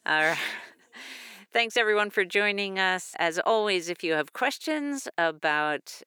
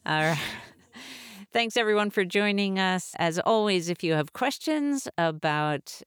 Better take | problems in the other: second | thin; somewhat; fading below 350 Hz

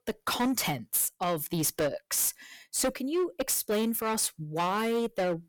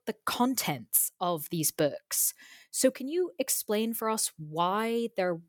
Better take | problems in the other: second | distortion; heavy; 13% of the sound clipped

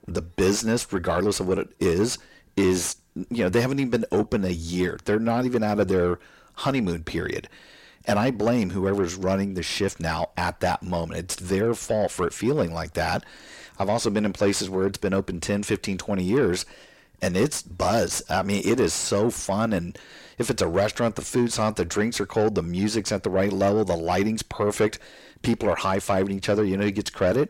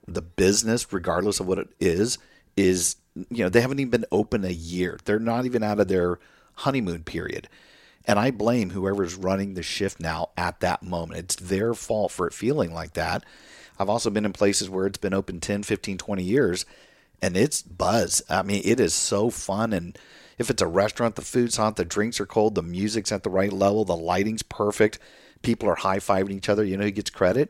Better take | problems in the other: second | distortion; slight; 10 dB below the speech

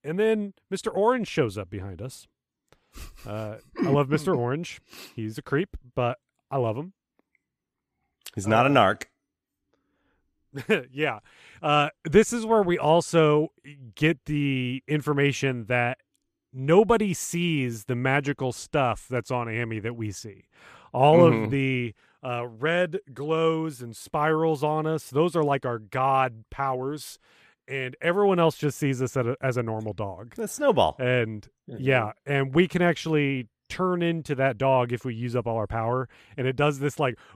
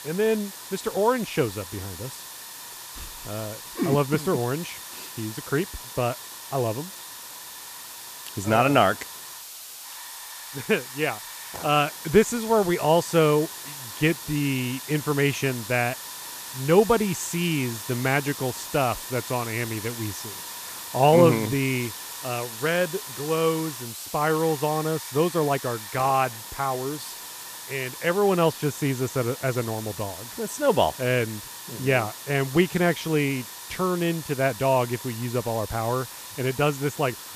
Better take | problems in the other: first | hiss; noticeable; throughout; 10 dB below the speech

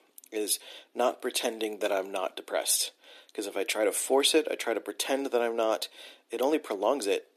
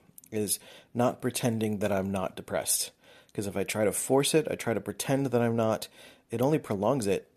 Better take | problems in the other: second | thin; somewhat; fading below 300 Hz

